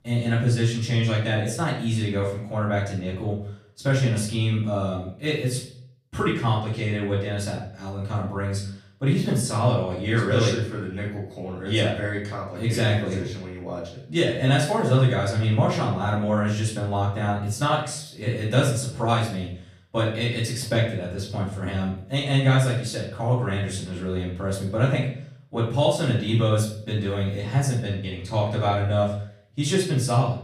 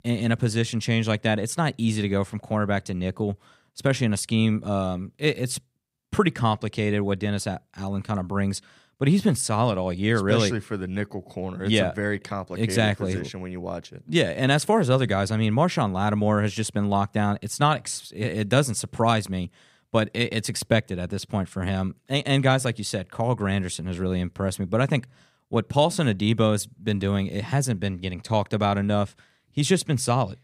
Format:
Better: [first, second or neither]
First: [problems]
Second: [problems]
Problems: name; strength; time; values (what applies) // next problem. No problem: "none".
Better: second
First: off-mic speech; far // room echo; noticeable; dies away in 0.5 s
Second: none